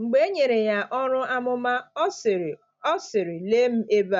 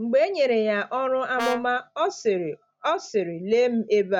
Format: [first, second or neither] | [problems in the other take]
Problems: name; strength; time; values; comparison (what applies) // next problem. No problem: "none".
first | background sound (Brass instrument); 5 dB below the speech